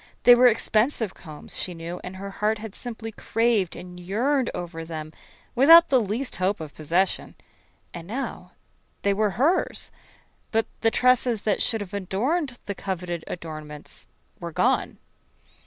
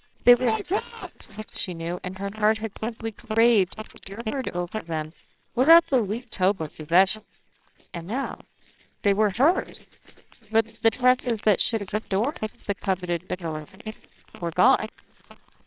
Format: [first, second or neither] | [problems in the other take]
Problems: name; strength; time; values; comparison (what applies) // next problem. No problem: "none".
first | noise reduction (neural separator model SepFormer WHAMR!)